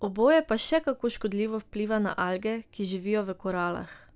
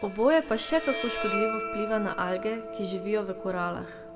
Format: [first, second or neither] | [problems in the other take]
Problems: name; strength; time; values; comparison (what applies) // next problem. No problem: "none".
first | background sound (Bowed string instrument); 7 dB below the speech // room echo; dies away in 1.6 s